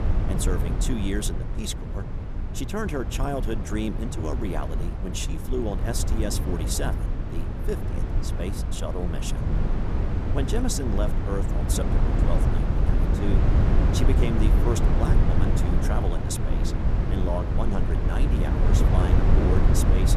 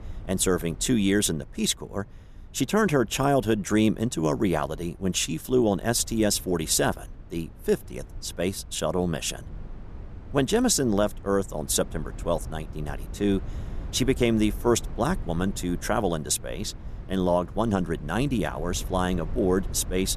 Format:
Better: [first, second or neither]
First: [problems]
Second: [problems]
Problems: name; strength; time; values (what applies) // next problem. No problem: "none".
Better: second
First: low rumble; loud; throughout; 1 dB below the speech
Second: low rumble; faint; throughout; 25 dB below the speech